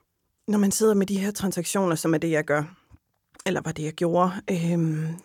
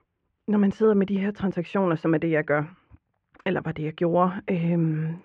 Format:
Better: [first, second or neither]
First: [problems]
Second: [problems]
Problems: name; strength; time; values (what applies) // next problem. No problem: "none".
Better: first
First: none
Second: muffled; very; fading above 2.5 kHz